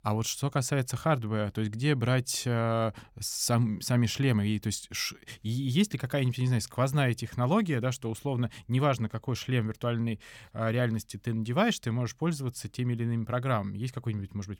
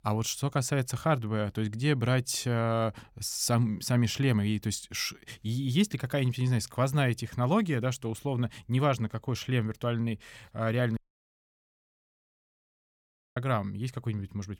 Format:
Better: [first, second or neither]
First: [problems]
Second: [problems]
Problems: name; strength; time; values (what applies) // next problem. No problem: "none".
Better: first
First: none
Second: audio cutting out; at 11 s for 2.5 s